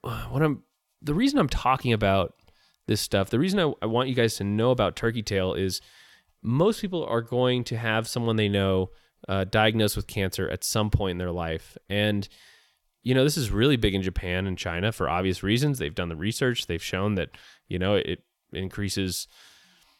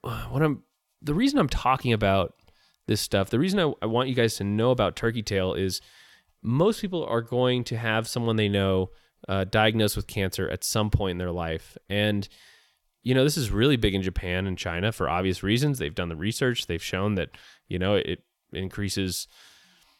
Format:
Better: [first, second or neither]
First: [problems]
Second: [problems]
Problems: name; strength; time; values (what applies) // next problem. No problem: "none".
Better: neither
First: none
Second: none